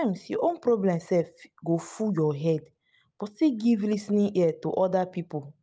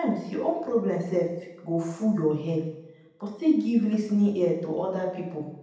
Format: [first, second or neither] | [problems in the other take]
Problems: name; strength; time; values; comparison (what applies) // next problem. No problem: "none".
first | room echo; dies away in 0.9 s